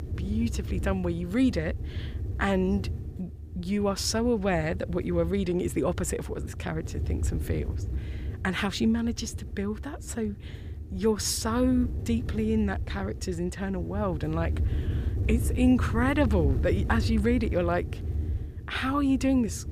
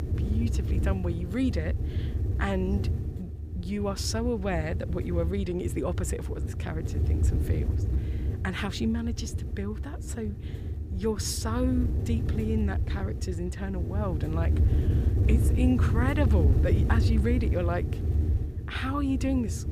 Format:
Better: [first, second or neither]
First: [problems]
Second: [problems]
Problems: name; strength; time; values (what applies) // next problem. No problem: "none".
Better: first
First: wind noise on the microphone; occasional gusts; 15 dB below the speech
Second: wind noise on the microphone; heavy; 8 dB below the speech